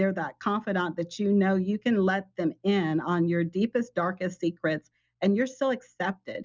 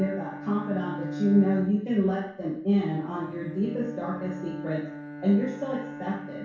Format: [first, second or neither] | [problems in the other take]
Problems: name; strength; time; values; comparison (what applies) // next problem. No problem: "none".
first | background sound (Bowed string instrument); 11 dB below the speech // room echo; dies away in 0.6 s